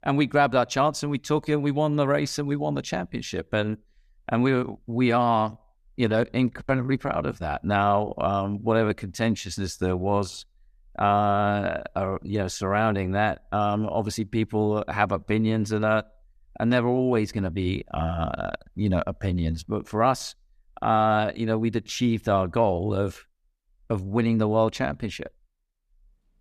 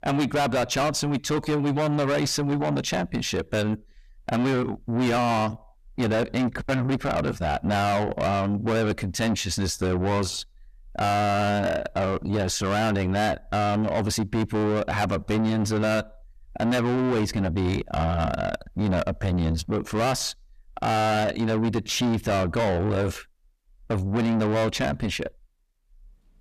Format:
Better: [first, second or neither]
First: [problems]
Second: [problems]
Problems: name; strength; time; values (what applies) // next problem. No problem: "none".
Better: first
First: none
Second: distortion; heavy; 6 dB below the speech